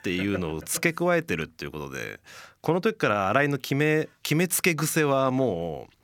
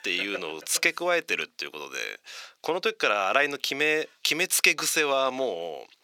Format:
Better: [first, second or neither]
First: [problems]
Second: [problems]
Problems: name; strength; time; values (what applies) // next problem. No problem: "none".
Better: first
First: none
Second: thin; somewhat; fading below 500 Hz